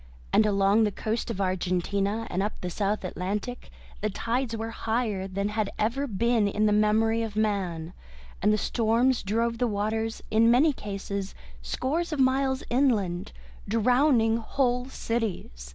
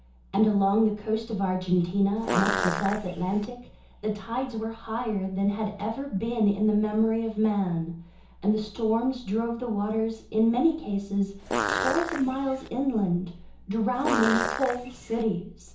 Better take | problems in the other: first | background sound (Fart); 3 dB below the speech // room echo; dies away in 0.7 s

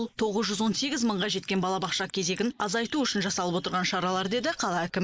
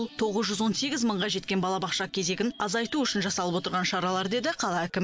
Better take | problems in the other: second | noise reduction (neural mask model Resemble Enhance denoiser)

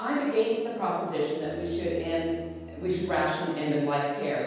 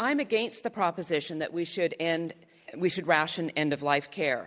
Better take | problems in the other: second | background sound (Bowed string instrument); 16 dB below the speech // room echo; dies away in 1.2 s

